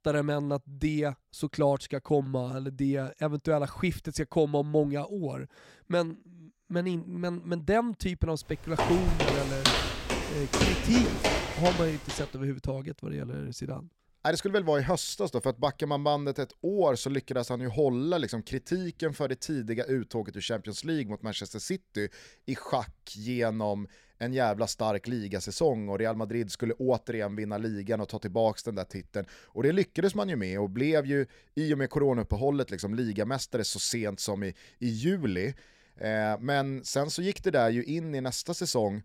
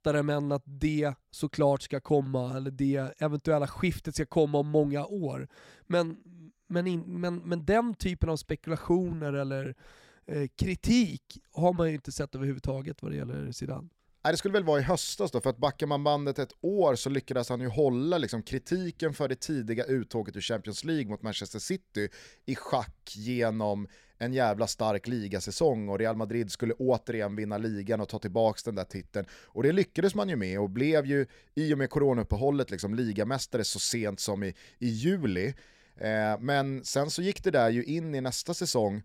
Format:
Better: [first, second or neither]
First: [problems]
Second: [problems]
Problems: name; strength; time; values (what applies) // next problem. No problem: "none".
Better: second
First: footsteps; loud; from 9 to 12 s; peak 5 dB above the speech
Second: none